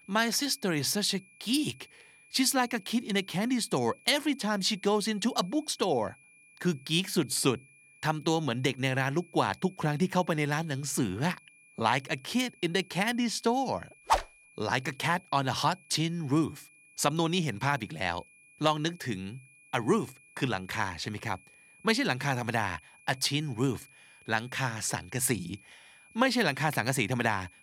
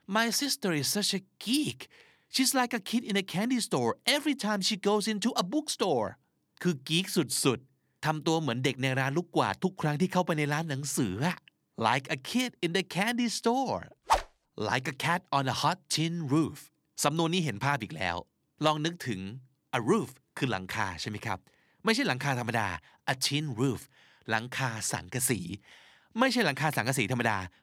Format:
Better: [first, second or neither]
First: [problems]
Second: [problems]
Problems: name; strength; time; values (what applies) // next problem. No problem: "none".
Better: second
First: high-pitched whine; faint; throughout; 2.5 kHz, 25 dB below the speech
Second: none